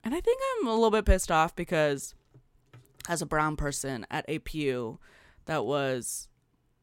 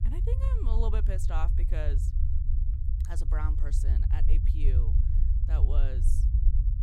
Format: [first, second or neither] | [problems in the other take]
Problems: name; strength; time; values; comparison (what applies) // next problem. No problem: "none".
first | low rumble; loud; throughout; 5 dB below the speech